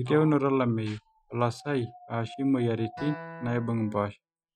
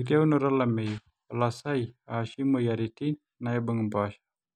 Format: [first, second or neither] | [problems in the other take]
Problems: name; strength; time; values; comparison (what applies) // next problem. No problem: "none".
second | noise reduction (classical method Wiener filter)